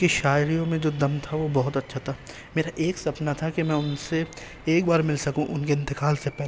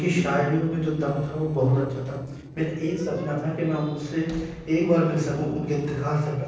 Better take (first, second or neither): first